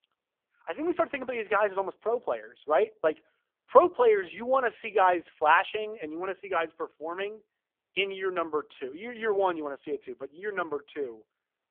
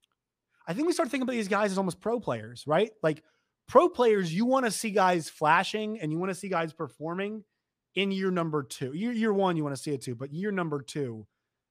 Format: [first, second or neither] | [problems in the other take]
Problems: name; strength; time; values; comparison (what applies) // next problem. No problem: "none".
second | phone-call audio; poor line; nothing above 3 kHz